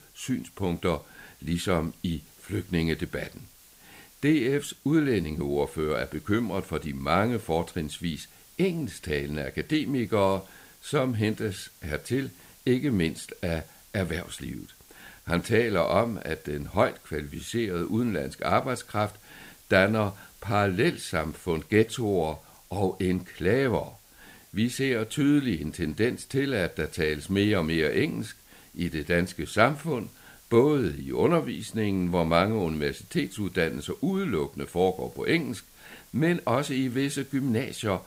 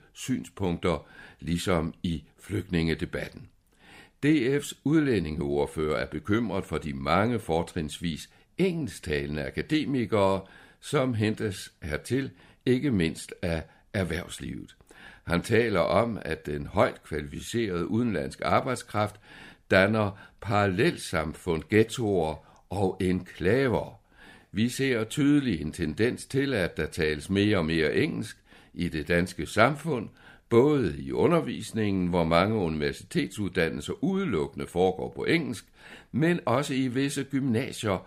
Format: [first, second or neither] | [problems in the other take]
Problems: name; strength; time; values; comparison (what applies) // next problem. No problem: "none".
second | hiss; faint; throughout; 25 dB below the speech